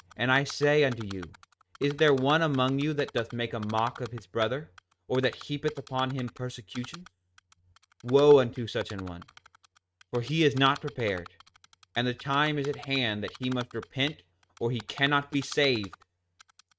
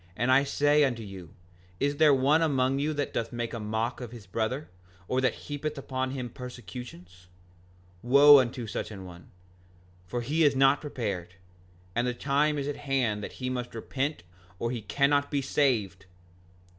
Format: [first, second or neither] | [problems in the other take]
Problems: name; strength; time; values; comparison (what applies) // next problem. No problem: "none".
second | noise reduction (neural mask model RNNoise)